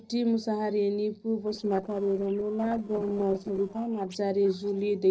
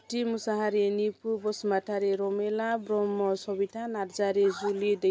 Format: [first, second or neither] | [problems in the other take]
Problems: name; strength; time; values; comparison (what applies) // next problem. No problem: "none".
second | noise reduction (neural separator model SepFormer DNS4)